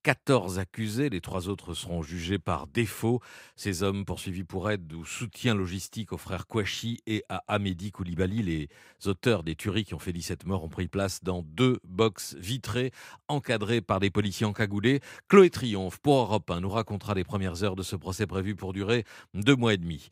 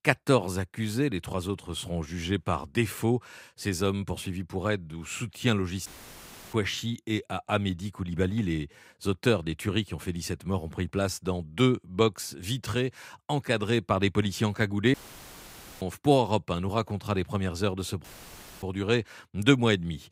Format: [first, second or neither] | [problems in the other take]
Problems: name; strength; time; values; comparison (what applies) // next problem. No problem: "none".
first | audio cutting out; filled with static; at 6 s for 0.5 s, at 15 s for 1 s and at 18 s for 0.5 s